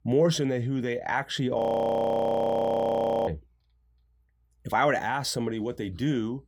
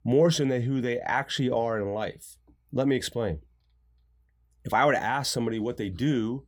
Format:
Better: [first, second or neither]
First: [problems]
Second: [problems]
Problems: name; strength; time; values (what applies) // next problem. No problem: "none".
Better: second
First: audio freezing; at 1.5 s for 1.5 s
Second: none